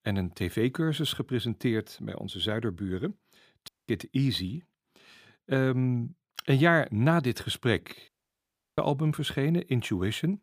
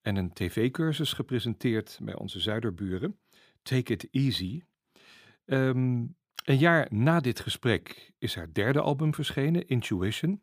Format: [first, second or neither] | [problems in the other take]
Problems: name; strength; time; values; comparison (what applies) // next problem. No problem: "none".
second | audio cutting out; at 3.5 s and at 8 s for 0.5 s